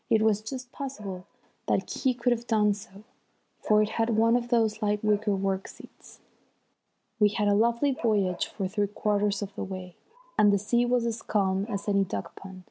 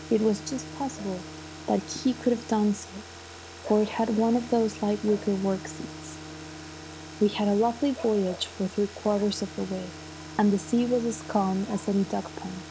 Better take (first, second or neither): first